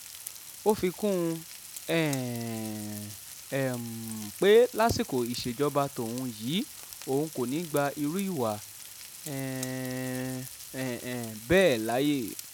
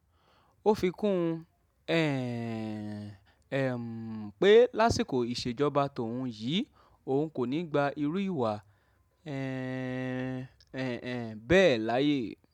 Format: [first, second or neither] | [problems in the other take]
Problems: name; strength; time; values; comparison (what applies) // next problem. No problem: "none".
second | background sound (Frying (food)); 14 dB below the speech